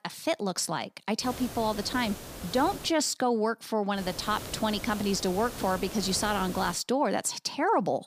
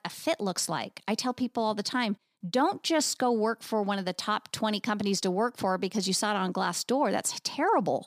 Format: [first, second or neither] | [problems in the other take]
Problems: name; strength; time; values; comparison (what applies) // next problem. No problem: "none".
second | hiss; noticeable; from 1 to 3 s and from 4 to 6.5 s; 10 dB below the speech